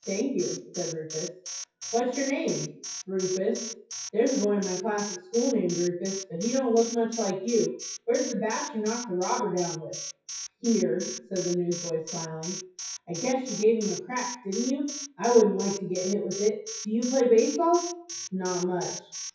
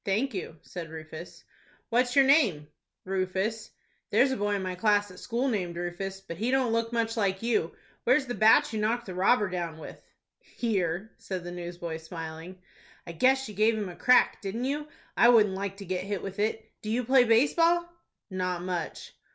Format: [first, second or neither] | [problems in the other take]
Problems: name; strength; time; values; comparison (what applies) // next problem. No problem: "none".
second | noise reduction (classical method WPE with log-MMSE)